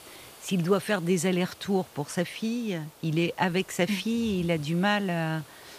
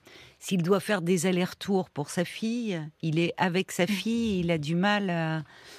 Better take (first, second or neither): second